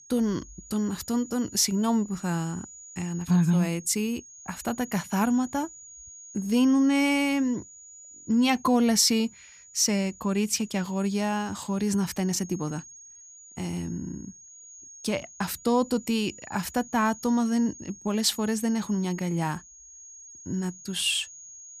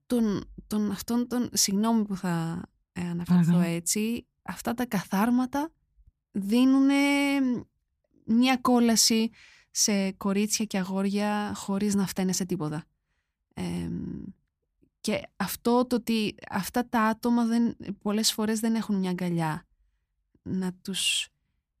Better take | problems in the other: second | high-pitched whine; noticeable; throughout; 7 kHz, 20 dB below the speech

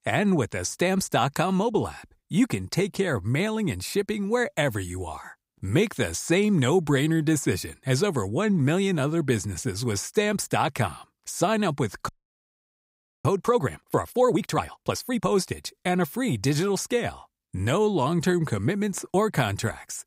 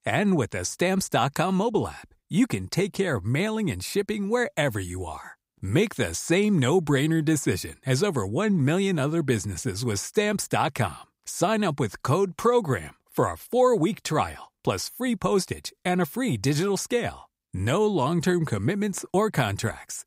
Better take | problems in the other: second | audio freezing; at 12 s for 1 s

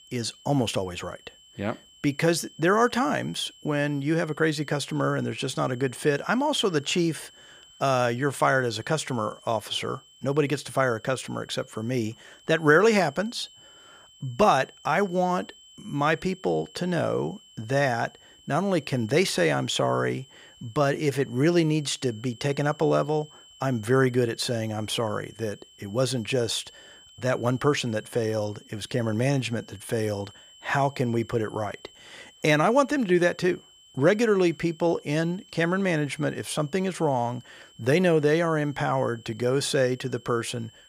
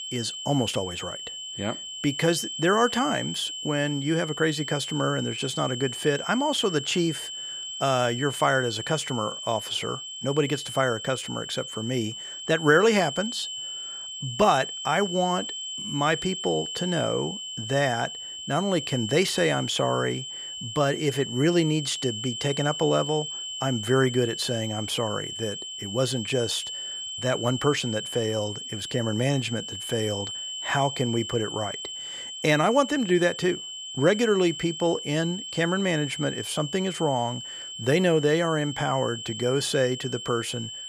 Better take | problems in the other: first | high-pitched whine; loud; throughout; 3 kHz, 7 dB below the speech; faint in the first

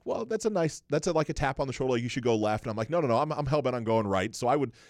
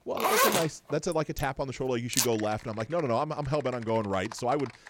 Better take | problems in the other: first | household noises; very faint; throughout; 4 dB above the speech

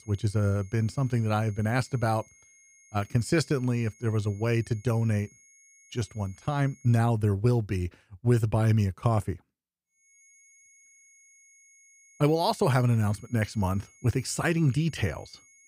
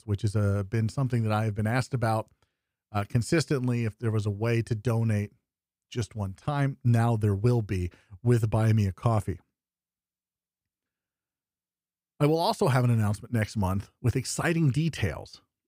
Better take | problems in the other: second | high-pitched whine; faint; until 7 s and from 10 s on; 6.5 kHz, 30 dB below the speech

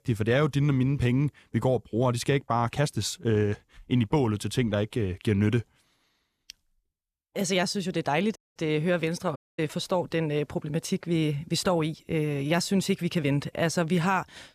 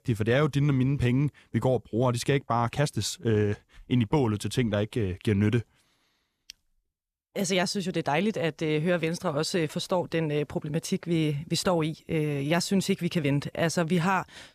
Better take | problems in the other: second | audio cutting out; at 8.5 s and at 9.5 s

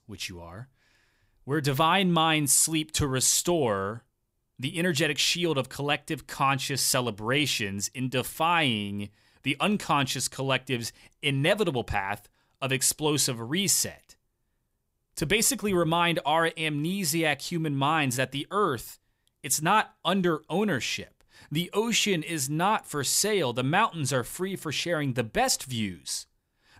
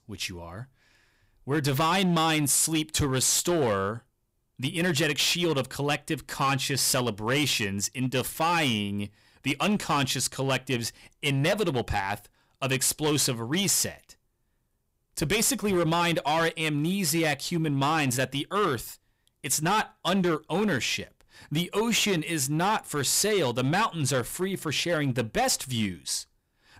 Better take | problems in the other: first | distortion; slight; 10% of the sound clipped

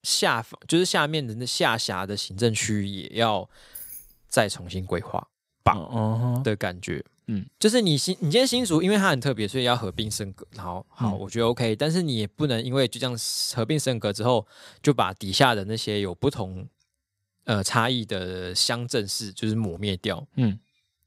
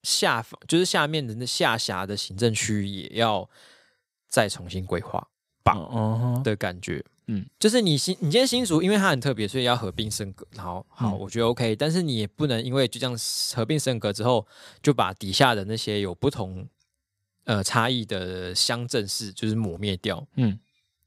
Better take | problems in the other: second | jangling keys; faint; at 3.5 s; peak 15 dB below the speech

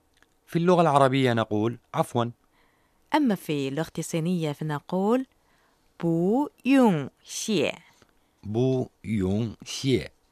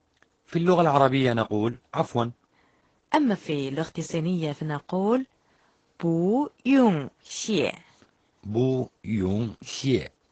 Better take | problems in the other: first | garbled, watery; badly; nothing above 7.5 kHz

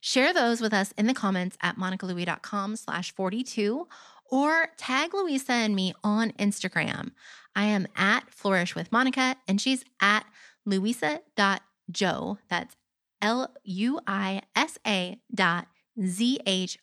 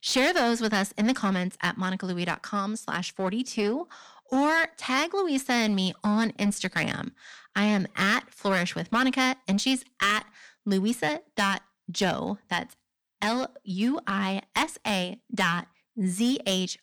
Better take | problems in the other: first | distortion; slight; 5% of the sound clipped

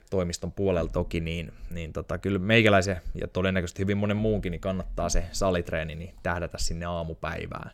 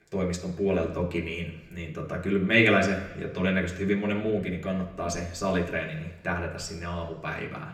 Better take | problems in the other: first | room echo; slight; dies away in 0.9 s // off-mic speech; somewhat distant

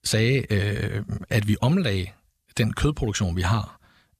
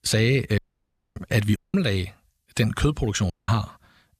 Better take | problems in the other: first | audio cutting out; at 0.5 s for 0.5 s, at 1.5 s and at 3.5 s

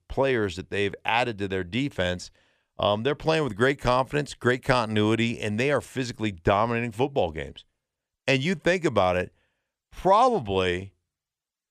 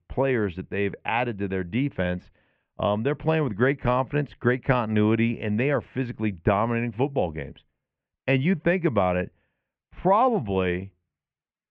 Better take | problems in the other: first | muffled; very; fading above 2.5 kHz

